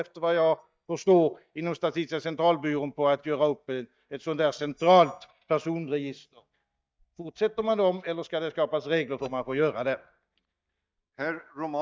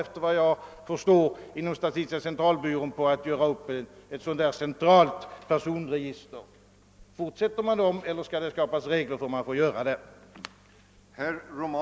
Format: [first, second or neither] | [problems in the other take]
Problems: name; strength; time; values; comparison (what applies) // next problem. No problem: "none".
second | noise reduction (neural mask model DeepFilterNet 3)